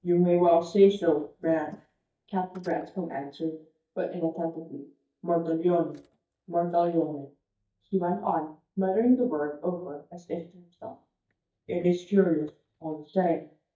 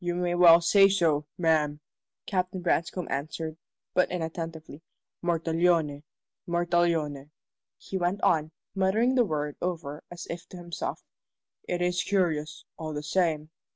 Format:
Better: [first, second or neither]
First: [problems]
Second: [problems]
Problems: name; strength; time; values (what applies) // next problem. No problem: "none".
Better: second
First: noise reduction (neural mask model DeepFilterNet 3)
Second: none